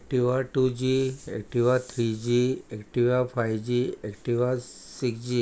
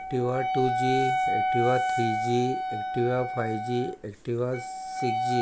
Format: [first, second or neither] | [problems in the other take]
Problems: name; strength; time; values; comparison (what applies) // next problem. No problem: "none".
first | background sound (Wind instrument, woodwind instrument); as loud as the speech